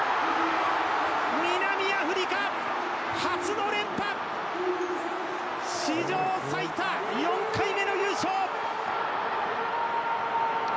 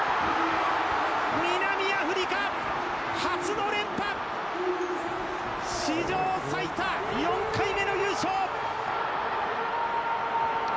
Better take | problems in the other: first | background sound (Thunder / Rain); 20 dB below the speech

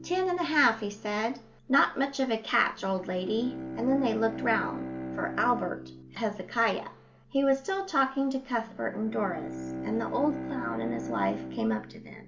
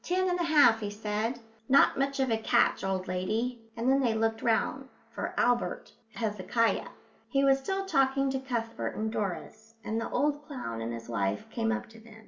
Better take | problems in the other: second | background sound (Bowed string instrument); 10 dB below the speech

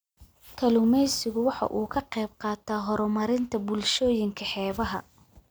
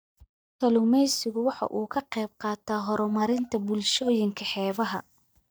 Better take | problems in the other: first | noise reduction (neural mask model DeepFilterNet 3)

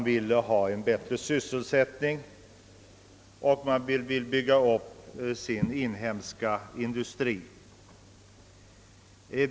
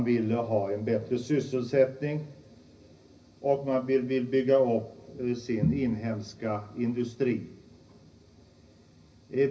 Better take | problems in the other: first | room echo; dies away in 0.4 s

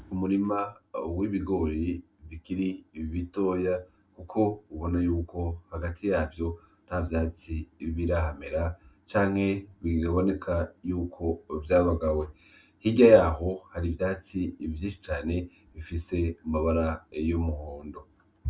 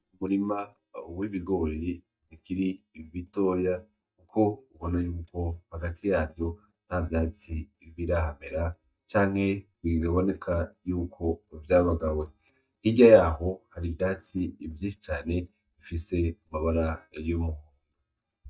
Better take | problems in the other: first | noise reduction (neural mask model DeepFilterNet 3)

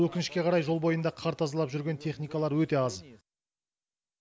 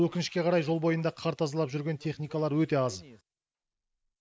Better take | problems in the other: first | noise reduction (neural mask model Resemble Enhance denoiser)

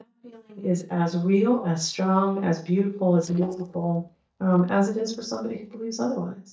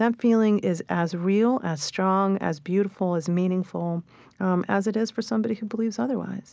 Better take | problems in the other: second | noise reduction (neural mask model DeepFilterNet 3)

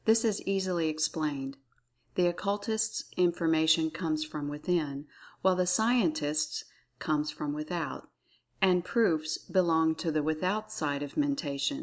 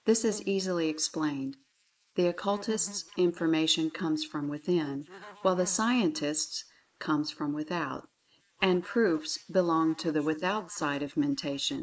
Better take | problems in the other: first | noise reduction (neural mask model Resemble Enhance denoiser)

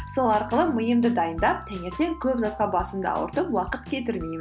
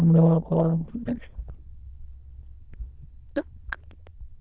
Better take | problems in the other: first | noise reduction (neural diffusion model UNIVERSE++)

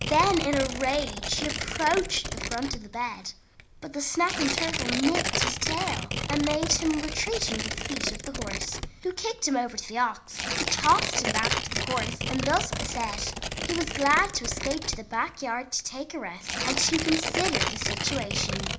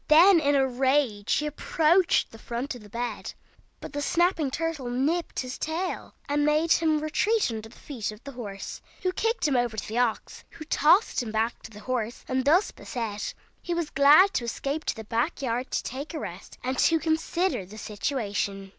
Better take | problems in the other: second | background sound (Tearing); 3 dB below the speech // room echo; dies away in 0.4 s

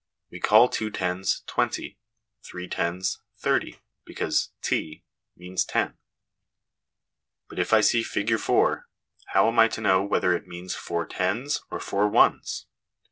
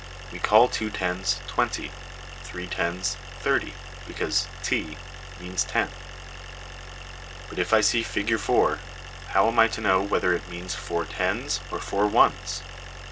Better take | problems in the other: first | background sound (Idling); 12 dB below the speech

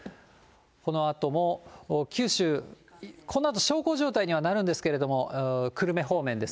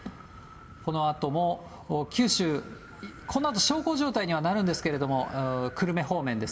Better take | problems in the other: first | background sound (Wind); 19 dB below the speech // room echo; dies away in 0.4 s

